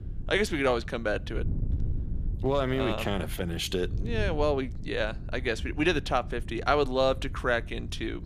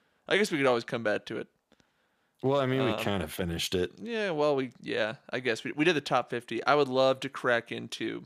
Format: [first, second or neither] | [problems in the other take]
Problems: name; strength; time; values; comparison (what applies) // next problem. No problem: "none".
second | wind noise on the microphone; occasional gusts; 20 dB below the speech